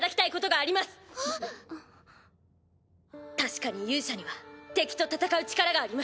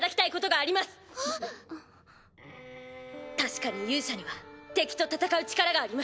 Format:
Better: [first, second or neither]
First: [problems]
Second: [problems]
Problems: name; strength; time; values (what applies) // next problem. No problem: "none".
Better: first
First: none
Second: background sound (Bowed string instrument); 16 dB below the speech